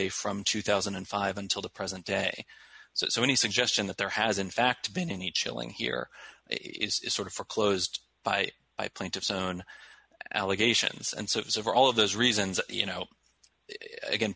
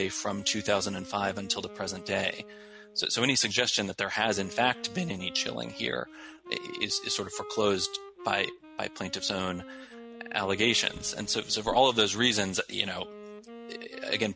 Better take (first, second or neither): first